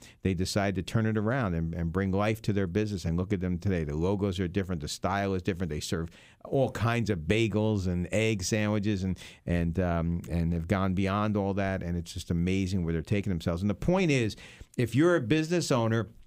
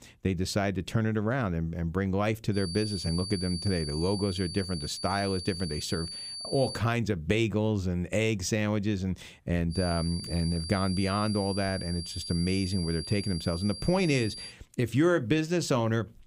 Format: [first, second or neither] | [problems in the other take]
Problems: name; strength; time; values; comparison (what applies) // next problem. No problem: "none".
first | high-pitched whine; loud; from 2.5 to 7 s and from 9.5 to 15 s; 4.5 kHz, 8 dB below the speech